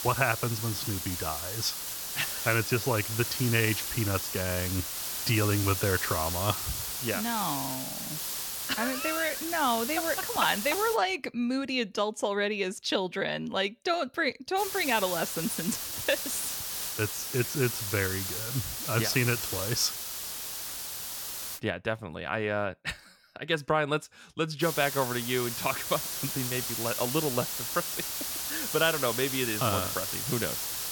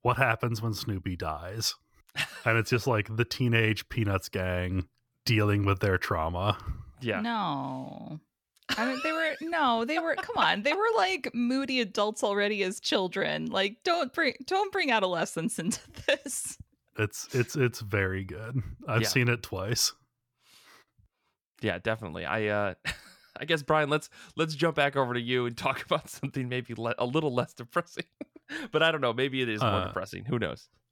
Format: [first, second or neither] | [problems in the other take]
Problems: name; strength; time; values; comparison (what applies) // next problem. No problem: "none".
second | hiss; loud; until 11 s, from 15 to 22 s and from 25 s on; 2 dB below the speech